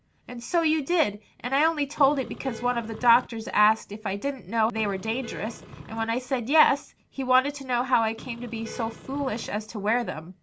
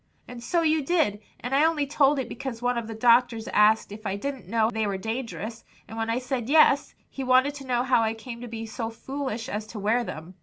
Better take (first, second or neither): second